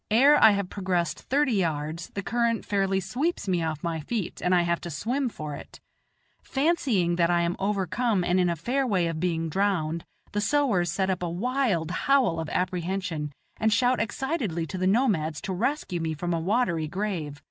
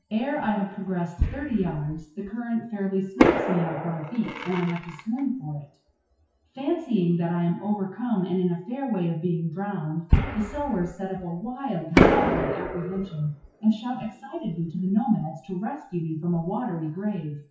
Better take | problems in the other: first | noise reduction (classical method WPE with log-MMSE)

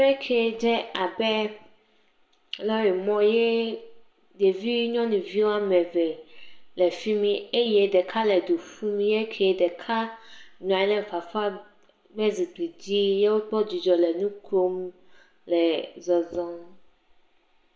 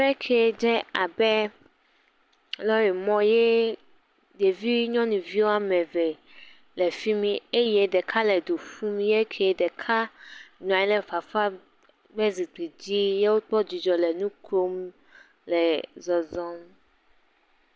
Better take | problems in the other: second | room echo; dies away in 0.5 s

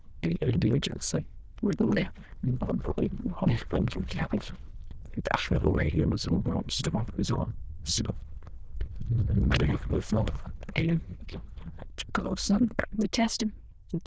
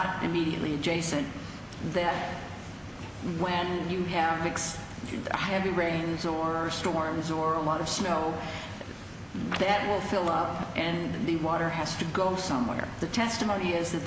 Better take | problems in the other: second | noise reduction (neural diffusion model UNIVERSE++)

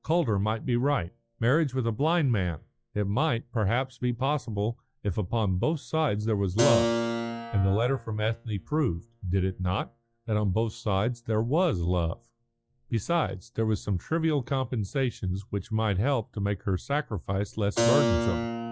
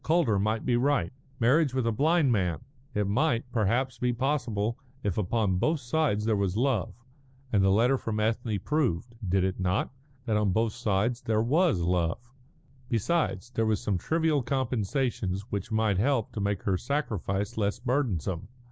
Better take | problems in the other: second | noise reduction (classical method log-MMSE)

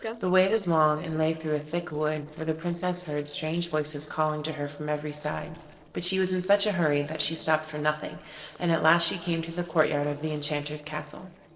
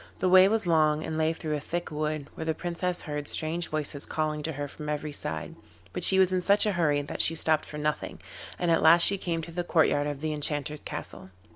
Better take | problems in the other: second | noise reduction (neural separator model SepFormer DNS4)

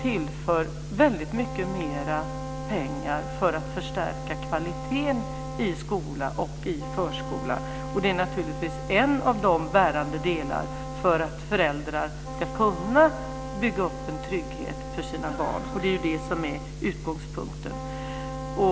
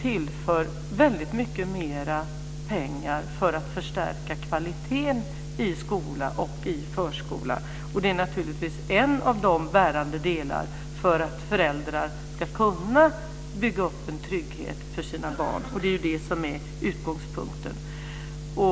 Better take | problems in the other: second | background sound (Wind instrument, woodwind instrument); 11 dB below the speech

